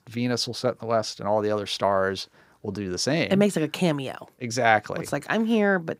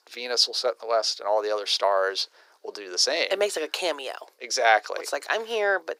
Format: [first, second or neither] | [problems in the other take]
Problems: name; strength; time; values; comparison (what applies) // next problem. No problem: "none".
first | thin; very; fading below 400 Hz